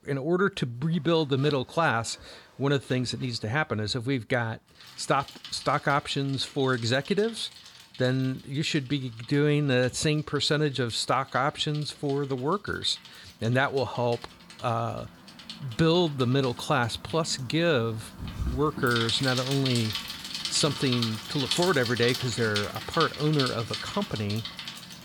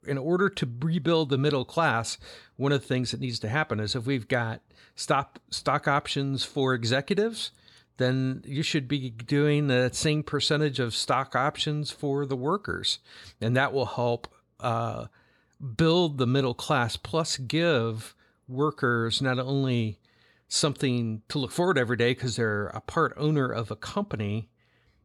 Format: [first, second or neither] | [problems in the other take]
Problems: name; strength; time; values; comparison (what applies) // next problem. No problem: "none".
second | traffic noise; loud; throughout; 8 dB below the speech